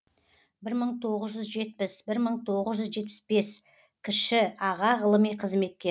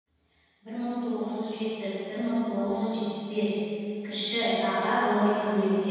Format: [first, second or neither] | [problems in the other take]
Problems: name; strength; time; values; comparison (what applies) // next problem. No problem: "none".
first | room echo; dies away in 2.1 s